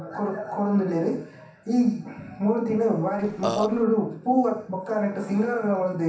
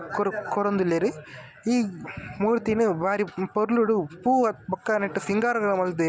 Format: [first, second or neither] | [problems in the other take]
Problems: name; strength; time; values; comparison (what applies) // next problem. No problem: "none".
second | background sound (Burping, eructation); 5 dB below the speech // room echo; dies away in 0.7 s